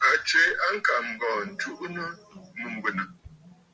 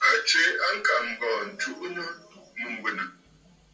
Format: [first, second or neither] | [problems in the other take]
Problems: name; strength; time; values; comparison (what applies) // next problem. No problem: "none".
first | room echo; dies away in 0.2 s